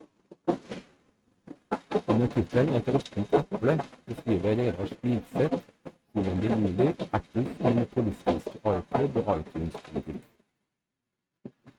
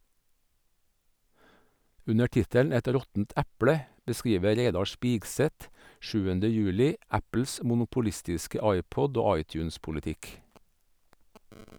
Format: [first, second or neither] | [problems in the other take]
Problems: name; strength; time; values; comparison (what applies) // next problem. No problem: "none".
second | noise reduction (neural mask model RNNoise)